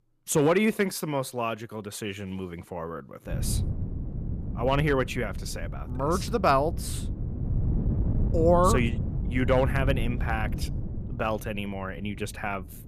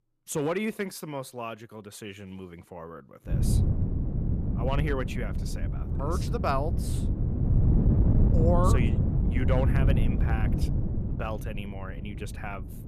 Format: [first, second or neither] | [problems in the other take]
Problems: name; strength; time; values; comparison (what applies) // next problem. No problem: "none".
first | wind noise on the microphone; heavy; from 3.5 s on; 4 dB below the speech; occasional gusts in the first